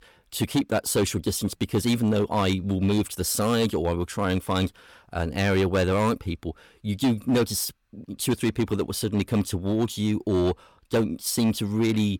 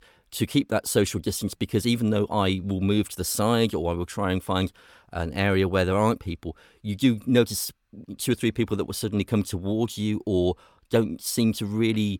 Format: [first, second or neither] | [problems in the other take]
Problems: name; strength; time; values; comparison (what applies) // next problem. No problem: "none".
second | distortion; slight; 7% of the sound clipped